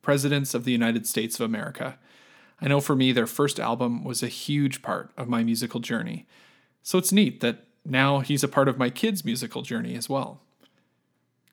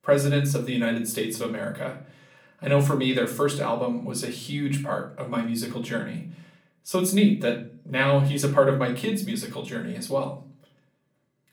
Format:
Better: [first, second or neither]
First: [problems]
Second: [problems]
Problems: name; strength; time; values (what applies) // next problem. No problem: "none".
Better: first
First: none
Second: room echo; slight; dies away in 0.4 s // off-mic speech; far